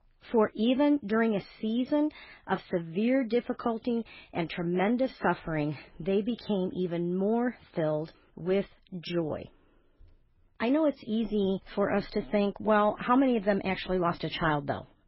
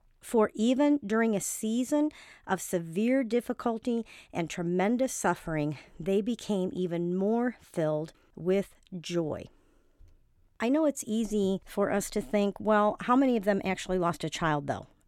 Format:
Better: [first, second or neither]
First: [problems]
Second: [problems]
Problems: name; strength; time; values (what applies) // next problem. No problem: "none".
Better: second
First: garbled, watery; badly; nothing above 5.5 kHz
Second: none